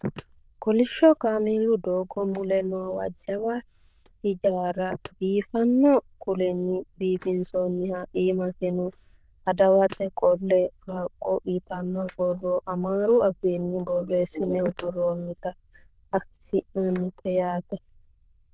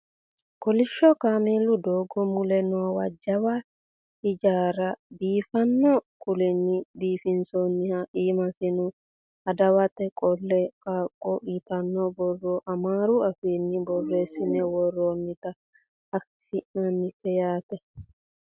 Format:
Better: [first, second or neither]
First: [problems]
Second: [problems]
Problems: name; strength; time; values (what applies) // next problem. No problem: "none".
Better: second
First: noise reduction (neural diffusion model UNIVERSE++)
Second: none